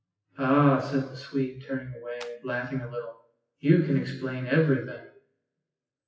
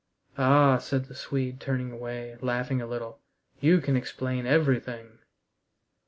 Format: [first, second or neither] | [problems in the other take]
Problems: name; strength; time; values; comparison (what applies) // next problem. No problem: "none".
second | noise reduction (classical method WPE with log-MMSE)